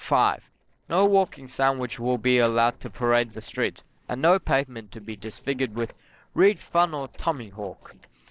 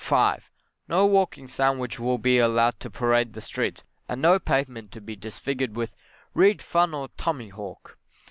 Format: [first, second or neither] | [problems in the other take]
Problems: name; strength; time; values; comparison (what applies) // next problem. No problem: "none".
second | noise reduction (neural separator model SepFormer DNS4)